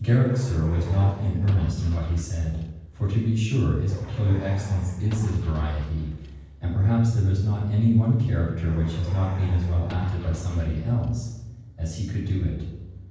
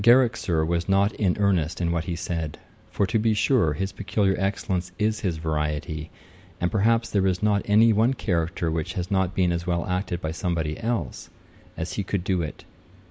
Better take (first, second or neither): second